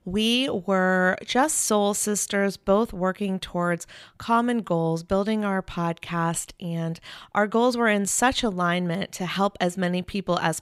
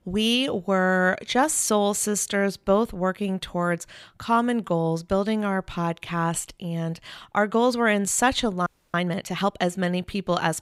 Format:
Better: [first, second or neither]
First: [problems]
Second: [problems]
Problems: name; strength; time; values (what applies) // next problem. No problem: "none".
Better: first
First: none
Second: audio freezing; at 8.5 s